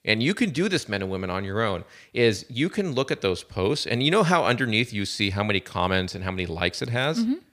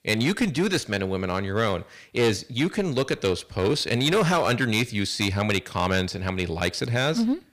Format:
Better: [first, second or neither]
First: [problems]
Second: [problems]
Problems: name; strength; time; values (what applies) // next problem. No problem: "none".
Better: first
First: none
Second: distortion; slight; 8% of the sound clipped